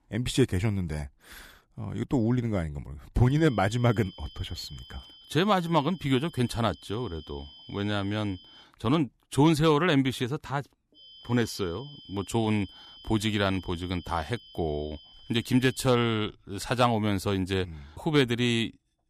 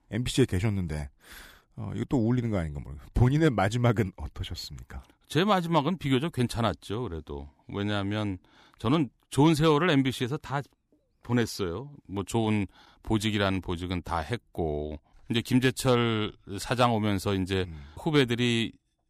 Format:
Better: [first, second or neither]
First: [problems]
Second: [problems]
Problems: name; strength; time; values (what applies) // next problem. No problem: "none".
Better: second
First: high-pitched whine; faint; from 3.5 to 8.5 s and from 11 to 16 s; 3 kHz, 20 dB below the speech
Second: none